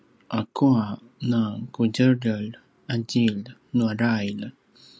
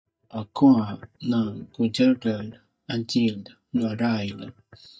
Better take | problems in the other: first | noise reduction (neural mask model DeepFilterNet 3)

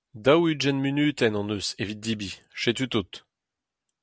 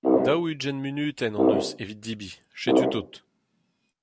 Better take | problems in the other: first | background sound (Brass instrument); 4 dB above the speech

